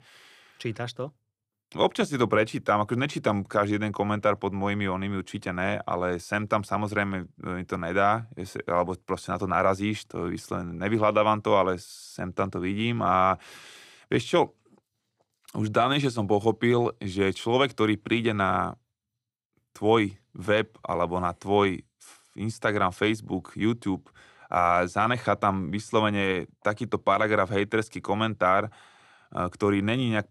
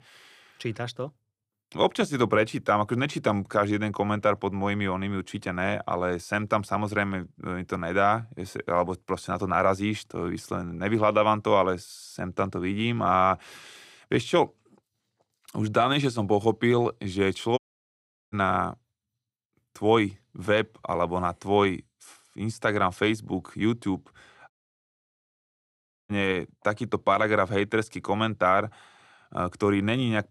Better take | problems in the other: first | audio cutting out; at 18 s for 0.5 s and at 25 s for 1.5 s

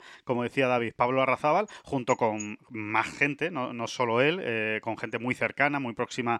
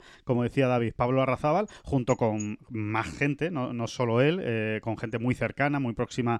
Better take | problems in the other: second | thin; very slightly; fading below 700 Hz

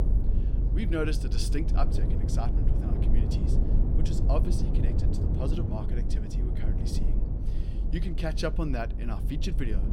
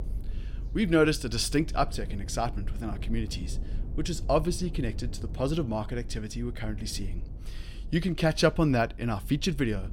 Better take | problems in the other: second | low rumble; loud; throughout; 4 dB below the speech; faint in the second

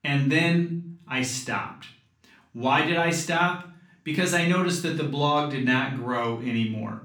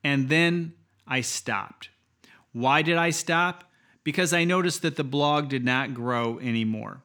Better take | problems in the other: second | room echo; slight; dies away in 0.4 s // off-mic speech; far

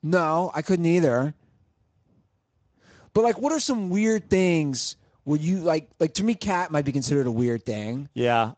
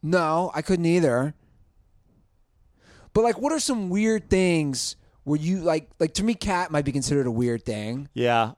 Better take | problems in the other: second | garbled, watery; slightly; nothing above 7.5 kHz

